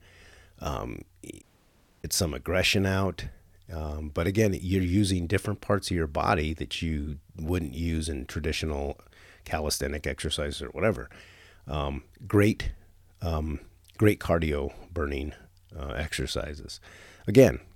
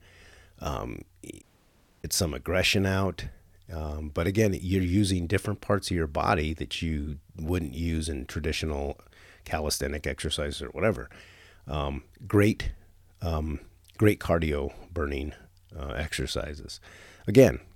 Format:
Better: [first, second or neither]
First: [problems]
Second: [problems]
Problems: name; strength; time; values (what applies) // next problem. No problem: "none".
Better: neither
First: audio cutting out; at 1.5 s for 0.5 s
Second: audio cutting out; at 1.5 s for 0.5 s